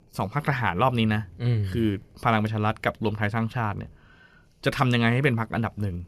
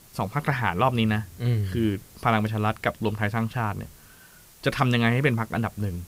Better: first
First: none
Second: hiss; faint; throughout; 25 dB below the speech

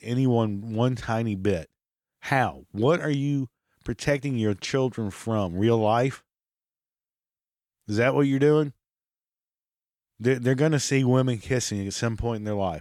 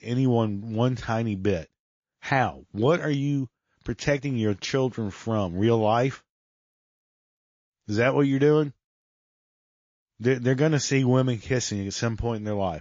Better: first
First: none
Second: garbled, watery; slightly; nothing above 6.5 kHz

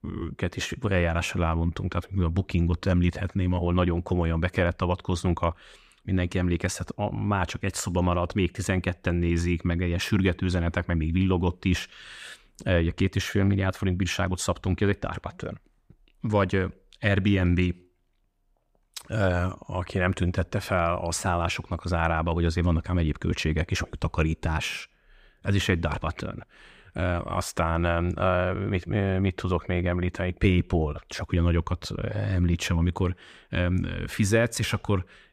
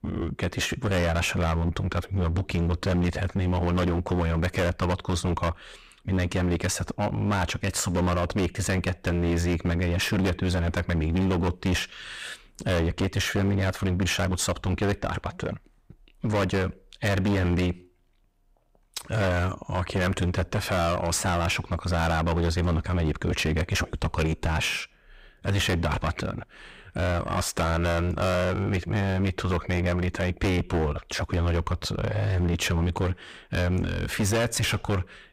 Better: first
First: none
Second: distortion; heavy; 21% of the sound clipped

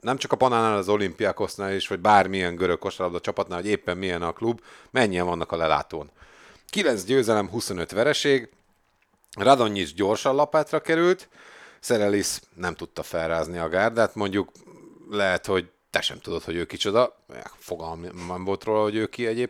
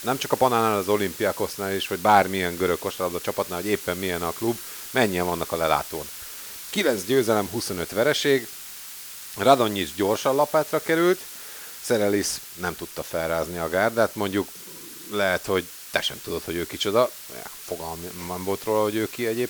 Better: first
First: none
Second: hiss; noticeable; throughout; 10 dB below the speech

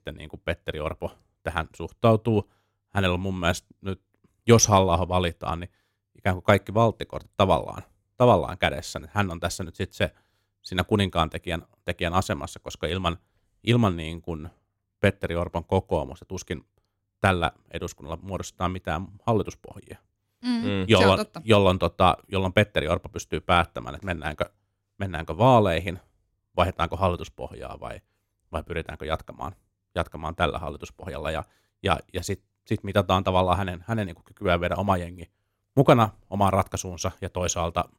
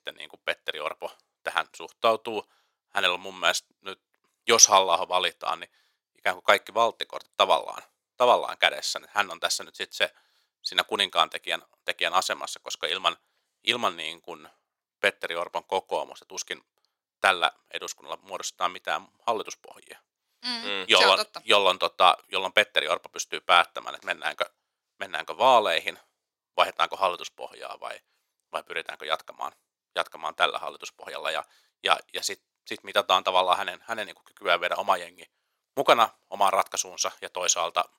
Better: first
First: none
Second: thin; very; fading below 700 Hz

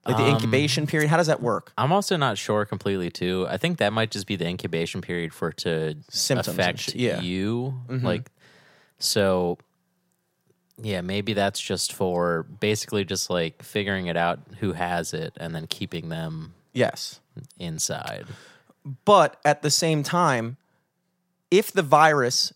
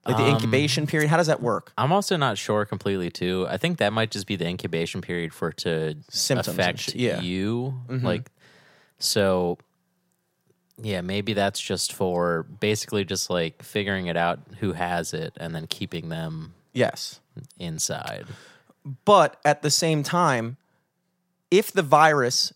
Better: neither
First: none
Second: none

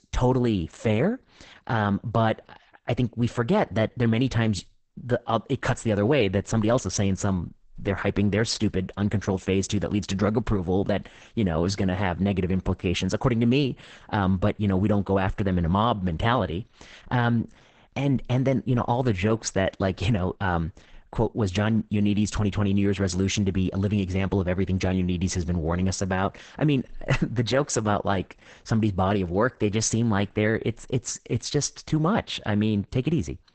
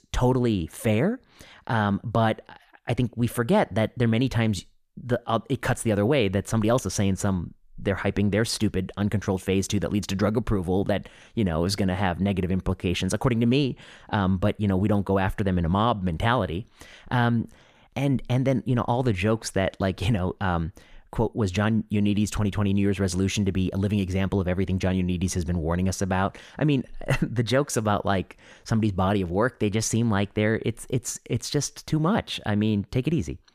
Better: second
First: garbled, watery; badly; nothing above 8 kHz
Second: none

